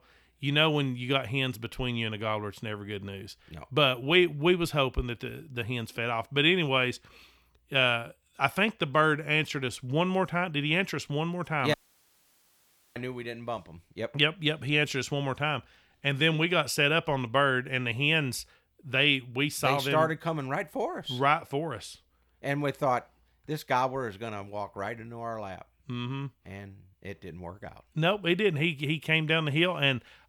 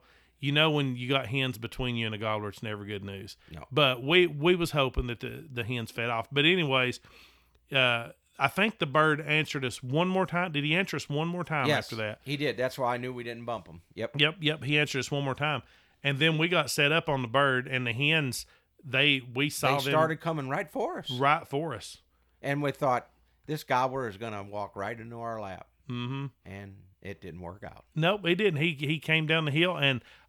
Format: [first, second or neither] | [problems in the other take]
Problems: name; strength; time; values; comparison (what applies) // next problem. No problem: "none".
second | audio cutting out; at 12 s for 1 s